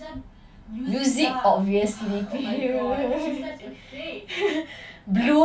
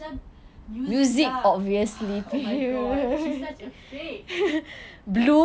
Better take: second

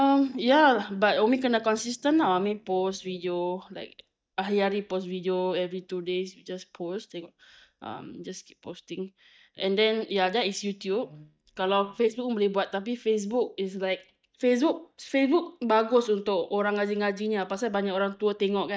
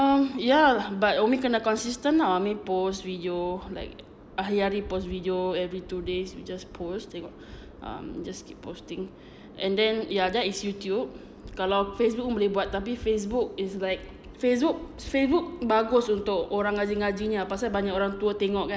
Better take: second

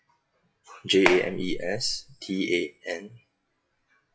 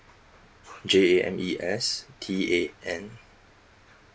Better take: second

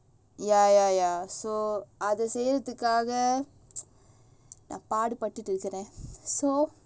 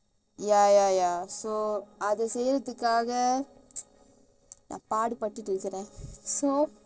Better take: first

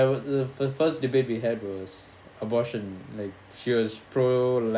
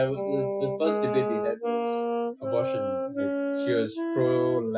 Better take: first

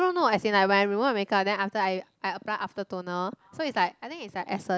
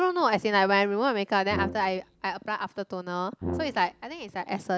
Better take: first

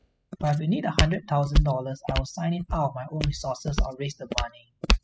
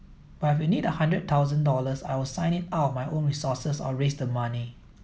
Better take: second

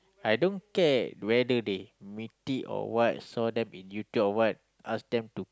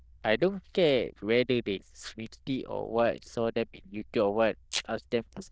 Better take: first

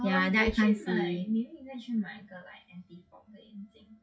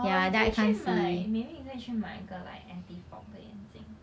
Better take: second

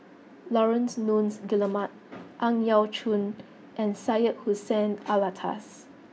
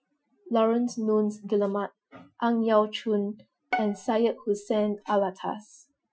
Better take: first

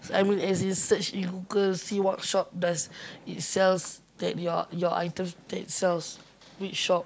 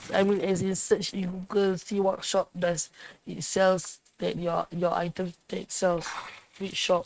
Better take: first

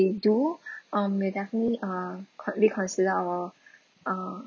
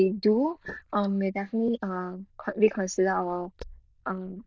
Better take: first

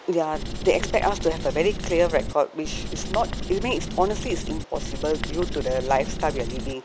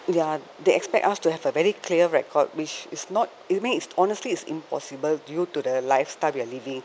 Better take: second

